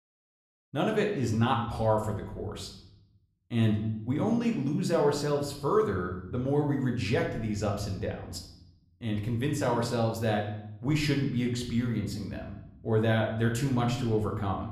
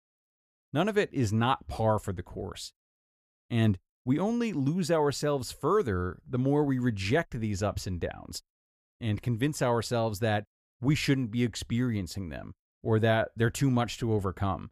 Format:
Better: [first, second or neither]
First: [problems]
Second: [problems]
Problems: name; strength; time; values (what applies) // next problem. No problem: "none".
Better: second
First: room echo; slight; dies away in 0.7 s // off-mic speech; somewhat distant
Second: none